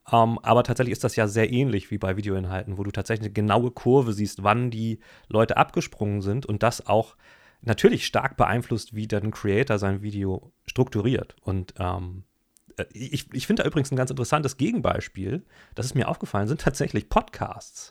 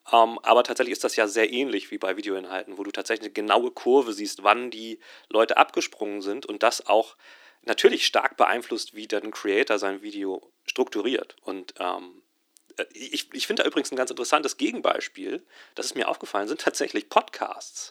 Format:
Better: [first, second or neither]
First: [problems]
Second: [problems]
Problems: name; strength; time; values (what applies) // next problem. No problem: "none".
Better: first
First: none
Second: thin; somewhat; fading below 300 Hz